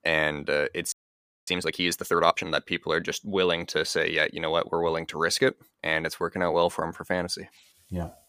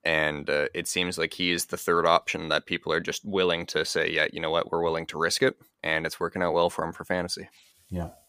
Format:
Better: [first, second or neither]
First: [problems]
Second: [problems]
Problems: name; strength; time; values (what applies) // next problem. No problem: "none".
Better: second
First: audio freezing; at 1 s for 0.5 s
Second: none